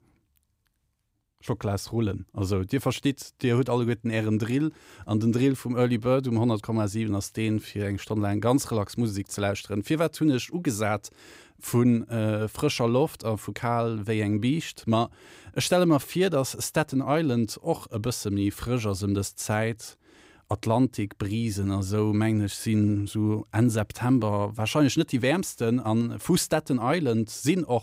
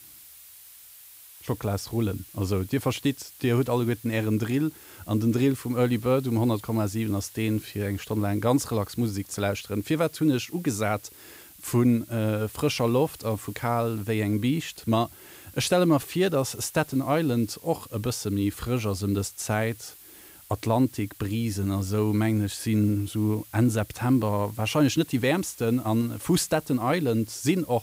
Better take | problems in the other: first | hiss; noticeable; throughout; 20 dB below the speech

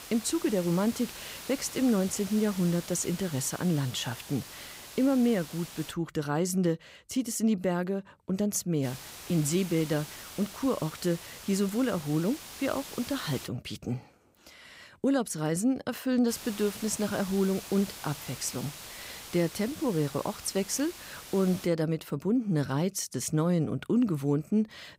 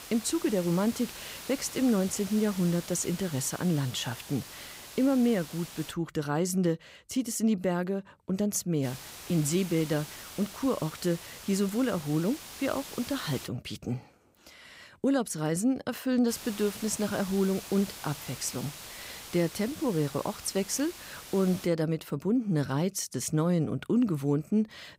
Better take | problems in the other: neither | hiss; noticeable; until 6 s, from 9 to 13 s and from 16 to 22 s; 15 dB below the speech; the same in both

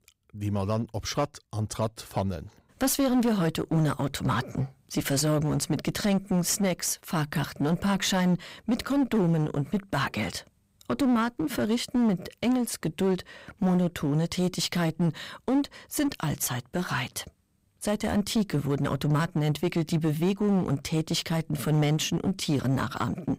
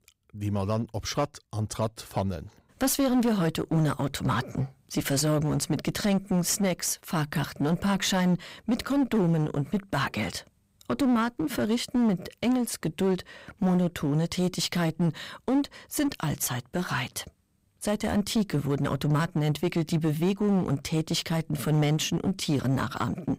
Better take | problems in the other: neither | distortion; slight; 11% of the sound clipped; the same in both

